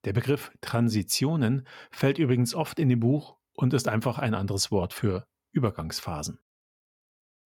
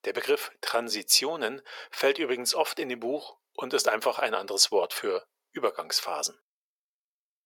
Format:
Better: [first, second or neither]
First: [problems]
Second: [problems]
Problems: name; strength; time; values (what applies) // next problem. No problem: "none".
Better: first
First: none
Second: thin; very; fading below 450 Hz